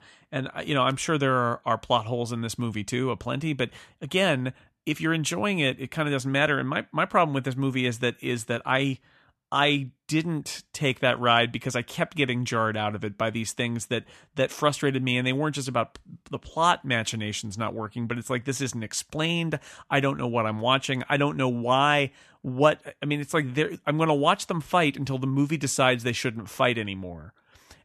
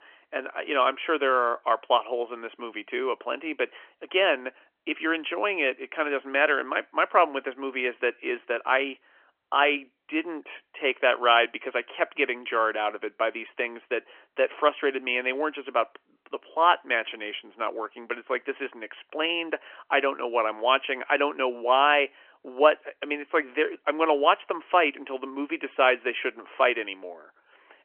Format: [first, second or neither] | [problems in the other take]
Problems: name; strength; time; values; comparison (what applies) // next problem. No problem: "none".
first | phone-call audio; nothing above 3 kHz